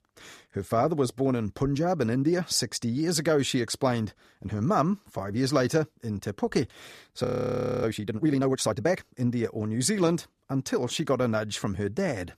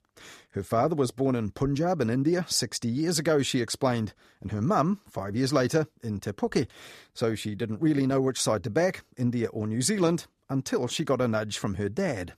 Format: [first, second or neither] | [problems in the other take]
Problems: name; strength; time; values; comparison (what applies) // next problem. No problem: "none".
second | audio freezing; at 7 s for 0.5 s